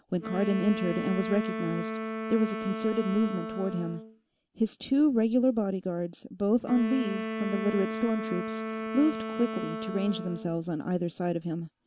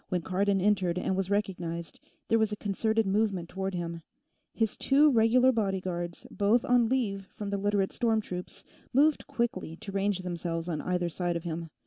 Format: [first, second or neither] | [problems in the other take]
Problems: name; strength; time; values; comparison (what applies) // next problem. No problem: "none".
second | background sound (Wind instrument, woodwind instrument); 7 dB below the speech